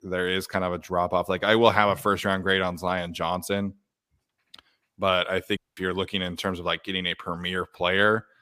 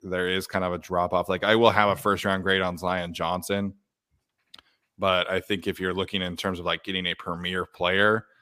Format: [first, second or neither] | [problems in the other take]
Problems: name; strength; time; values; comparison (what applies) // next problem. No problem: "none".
second | audio cutting out; at 5.5 s